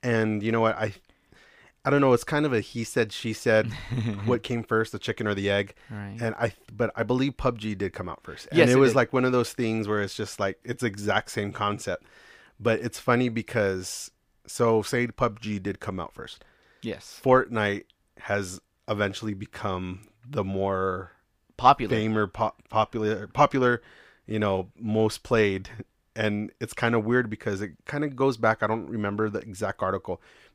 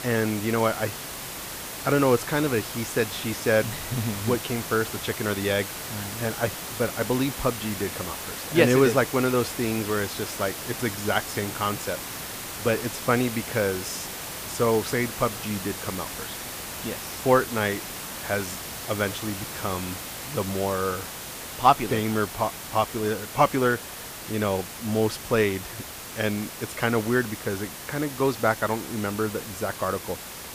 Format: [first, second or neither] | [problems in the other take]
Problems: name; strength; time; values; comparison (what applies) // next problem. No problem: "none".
first | hiss; loud; throughout; 7 dB below the speech